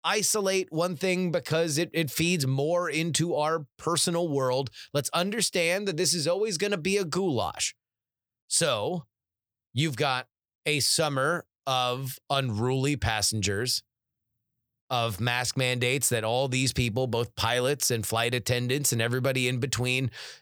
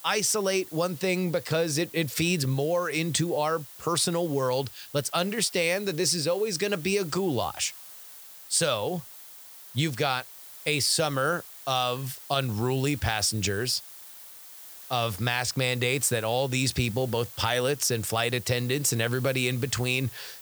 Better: first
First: none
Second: hiss; noticeable; throughout; 15 dB below the speech

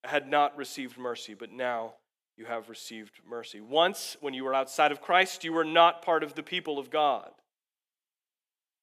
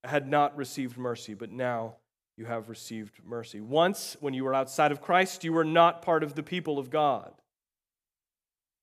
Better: second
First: thin; very slightly; fading below 300 Hz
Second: none

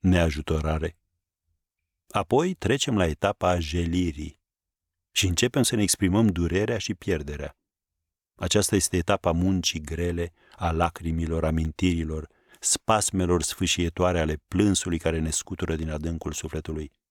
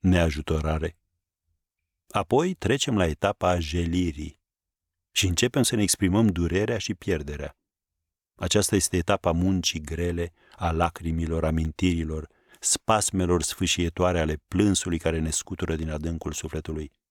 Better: neither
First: none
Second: none

